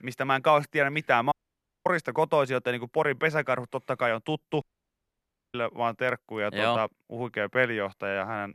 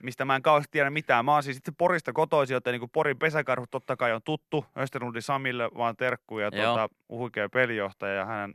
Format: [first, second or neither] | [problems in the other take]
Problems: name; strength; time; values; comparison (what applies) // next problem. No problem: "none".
second | audio cutting out; at 1.5 s for 0.5 s and at 4.5 s for 1 s